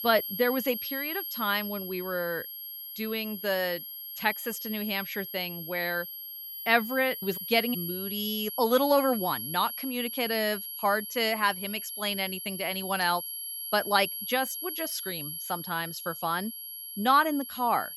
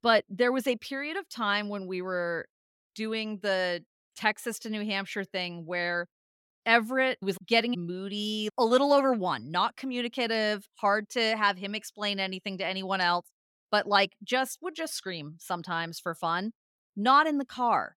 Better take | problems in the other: second | high-pitched whine; loud; throughout; 11.5 kHz, 6 dB below the speech

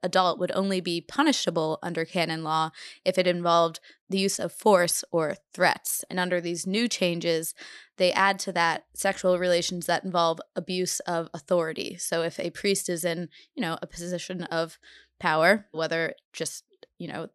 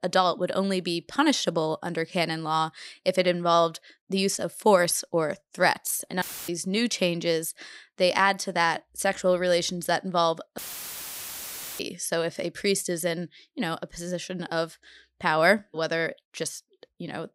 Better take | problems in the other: first | audio cutting out; filled with static; at 6 s and at 11 s for 1 s

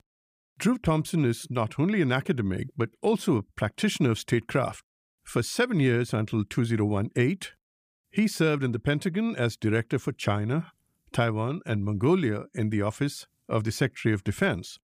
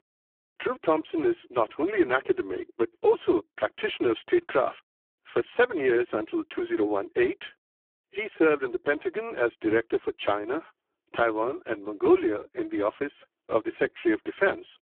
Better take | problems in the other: first | phone-call audio; poor line

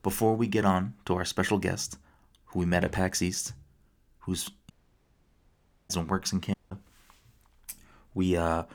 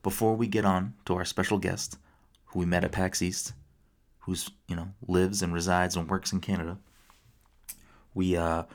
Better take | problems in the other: second | audio cutting out; at 4.5 s for 1 s and at 6.5 s

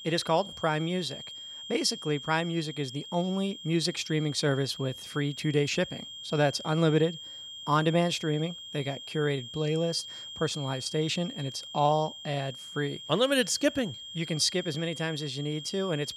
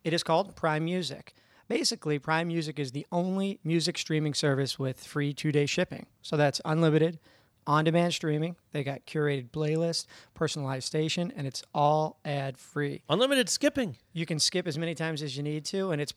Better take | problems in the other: second | high-pitched whine; noticeable; throughout; 3 kHz, 10 dB below the speech

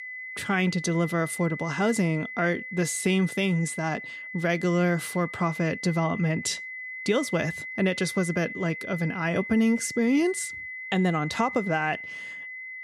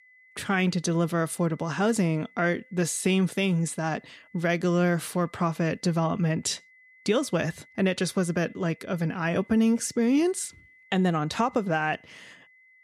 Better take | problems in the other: second | high-pitched whine; loud; throughout; 2 kHz, 9 dB below the speech; faint in the second

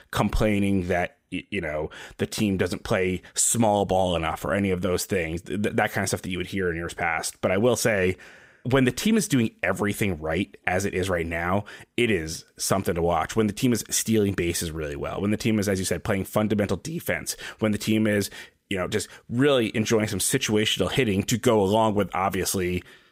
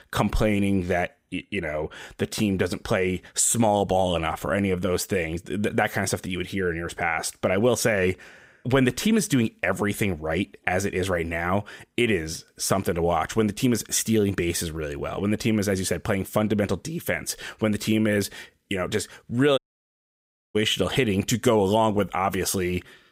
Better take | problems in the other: first | audio cutting out; at 20 s for 1 s

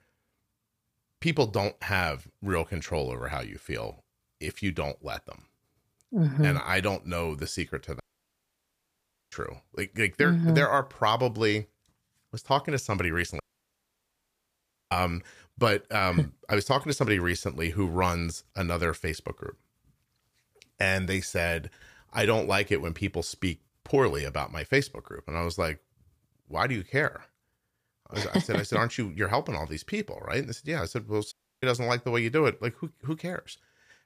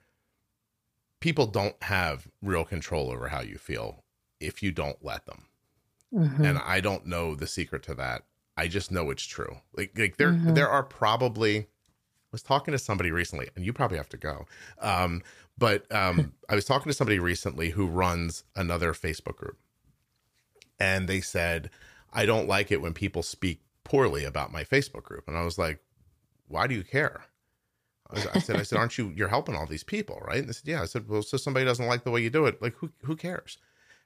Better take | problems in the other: second | audio cutting out; at 8 s for 1.5 s, at 13 s for 1.5 s and at 31 s

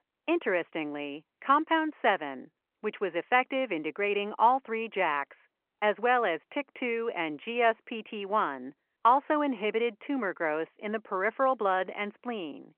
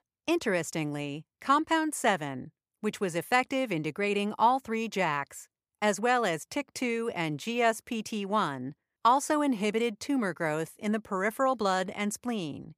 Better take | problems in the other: second | phone-call audio

